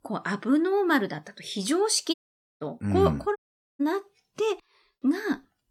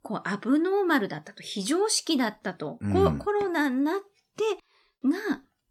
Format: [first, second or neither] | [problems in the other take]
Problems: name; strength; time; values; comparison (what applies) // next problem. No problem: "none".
second | audio cutting out; at 2 s and at 3.5 s